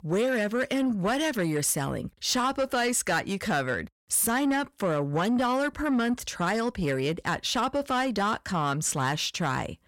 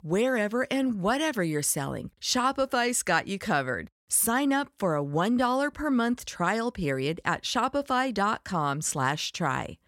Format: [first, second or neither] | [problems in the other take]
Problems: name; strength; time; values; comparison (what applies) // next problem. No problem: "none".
second | distortion; slight; 10 dB below the speech